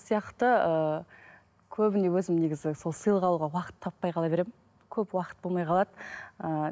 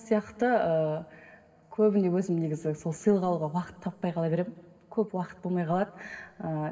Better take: first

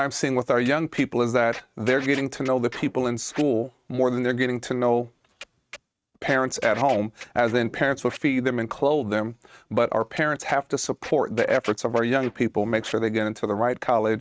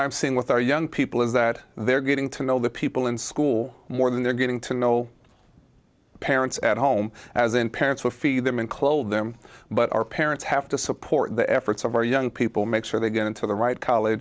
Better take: second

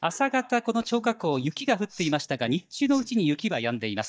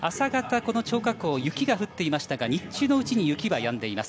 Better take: second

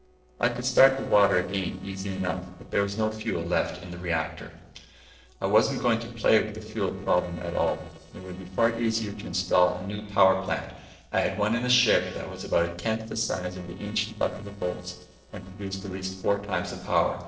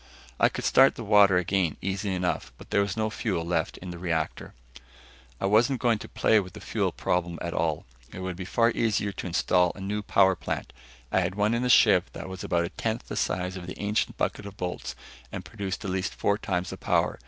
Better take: second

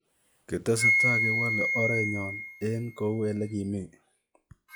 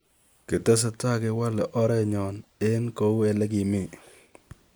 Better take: second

